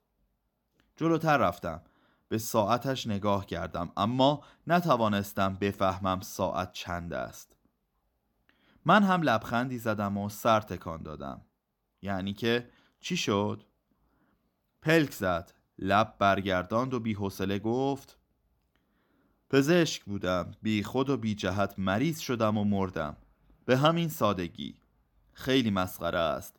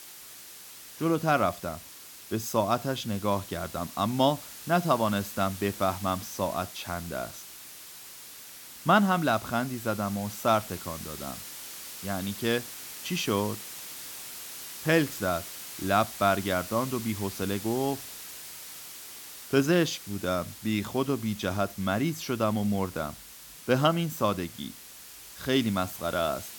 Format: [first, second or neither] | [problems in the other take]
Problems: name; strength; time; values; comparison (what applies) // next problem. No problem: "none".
first | hiss; noticeable; throughout; 10 dB below the speech